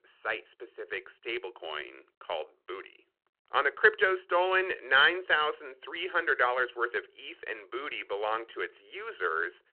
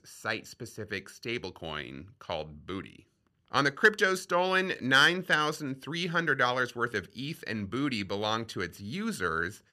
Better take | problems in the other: second | phone-call audio

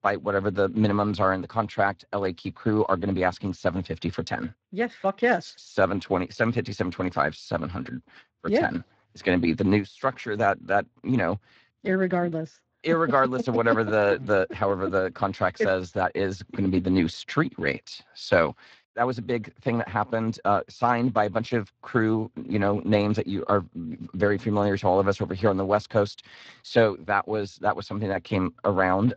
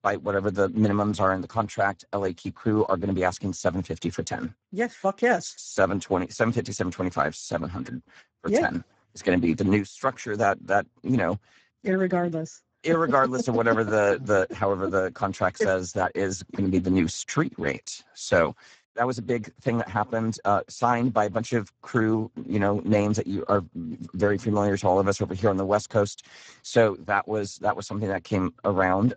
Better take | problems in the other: first | garbled, watery; badly; nothing above 7.5 kHz; slightly in the first

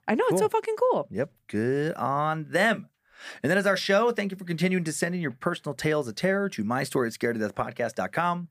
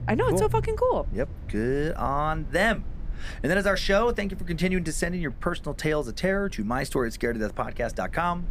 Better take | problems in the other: first | low rumble; faint; throughout; 25 dB below the speech

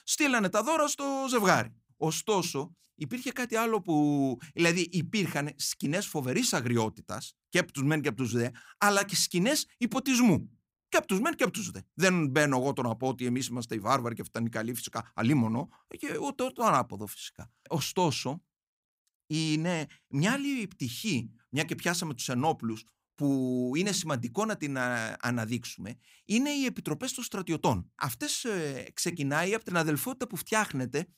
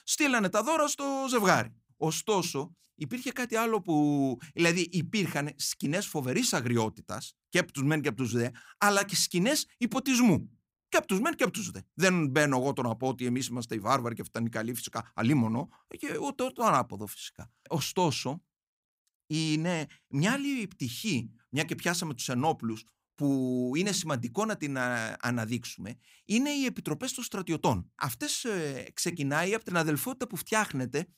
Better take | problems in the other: neither | none

